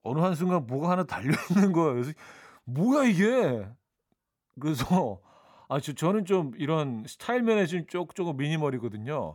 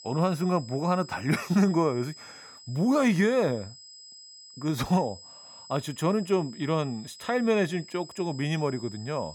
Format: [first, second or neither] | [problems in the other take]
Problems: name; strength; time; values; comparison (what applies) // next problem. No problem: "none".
first | high-pitched whine; noticeable; throughout; 5 kHz, 20 dB below the speech